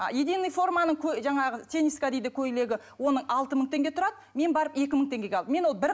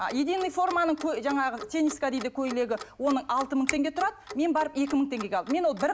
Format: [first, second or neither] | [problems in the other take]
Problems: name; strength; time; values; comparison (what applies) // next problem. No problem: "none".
first | background sound (Finger snapping + Clock); 15 dB below the speech